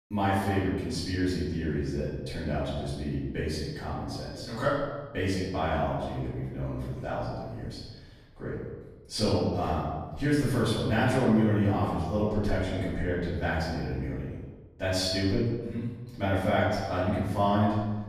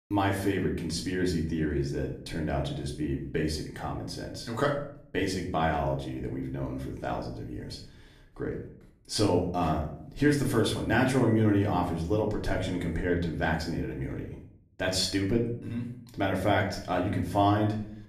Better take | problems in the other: second | room echo; strong; dies away in 1.1 s; slight in the second // off-mic speech; far; far in the second

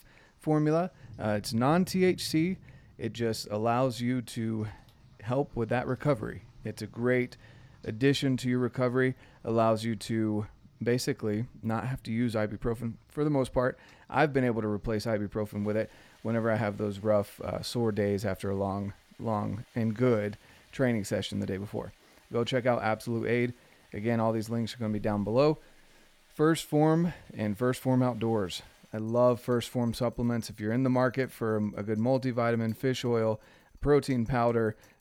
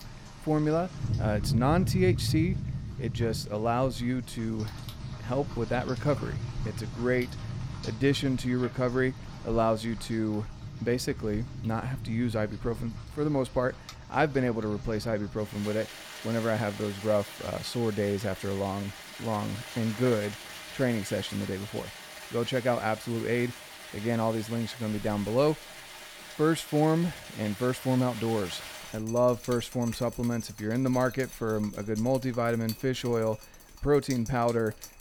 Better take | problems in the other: first | rain or running water; loud; throughout; 10 dB below the speech; faint in the first

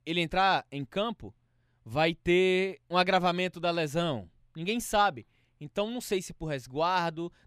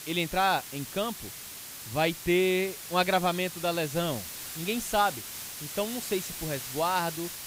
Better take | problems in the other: first | hiss; loud; throughout; 8 dB below the speech

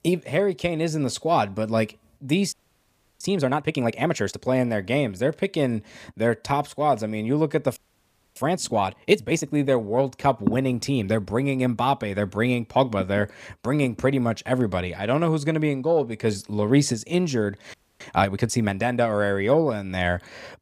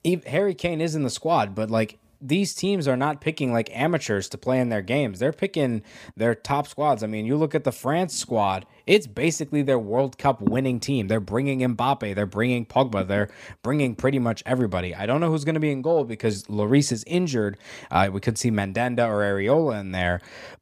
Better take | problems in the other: second | audio freezing; at 2.5 s for 0.5 s, at 8 s for 0.5 s and at 18 s

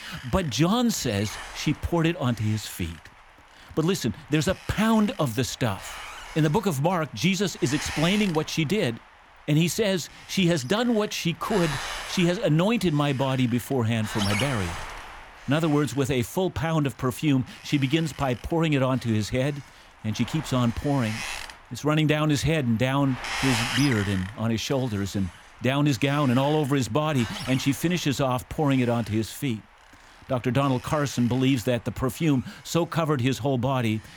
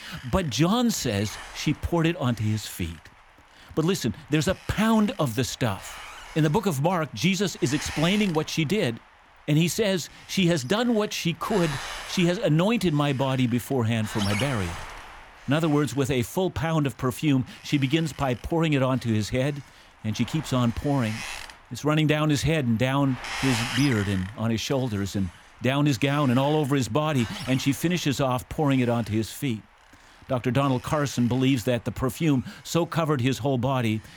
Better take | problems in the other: second | wind noise on the microphone; heavy; 8 dB below the speech; occasional gusts in the second

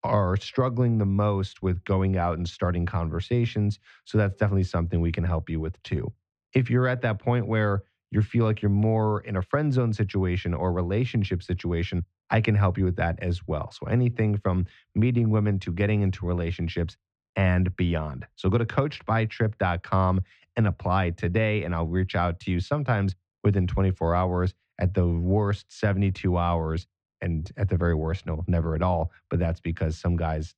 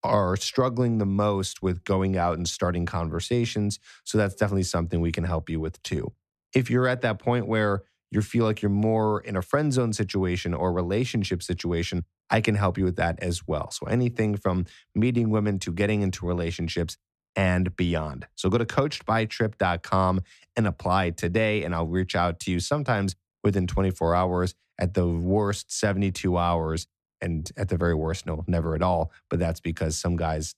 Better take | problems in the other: second | muffled; slightly; fading above 2.5 kHz

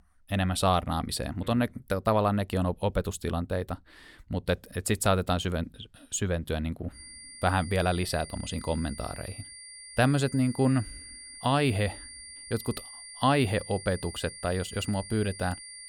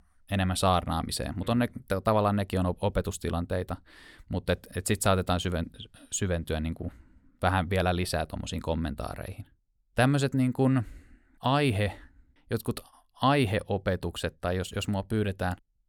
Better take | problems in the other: second | high-pitched whine; noticeable; from 7 s on; 9.5 kHz, 15 dB below the speech

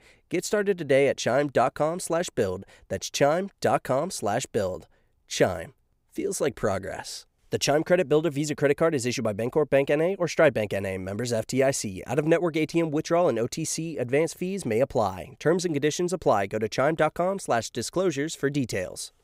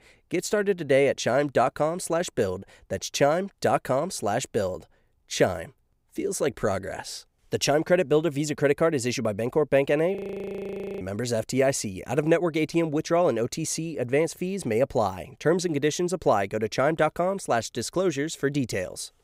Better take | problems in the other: first | audio freezing; at 10 s for 1 s

